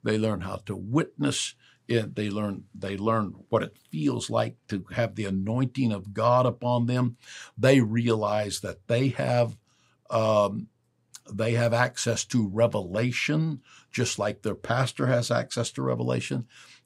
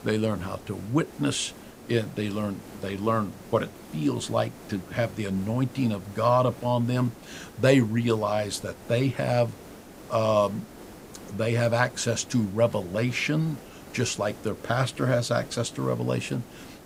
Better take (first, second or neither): first